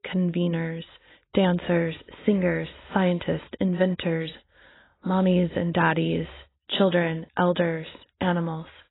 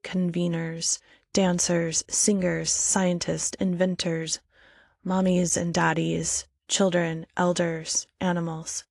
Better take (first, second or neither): second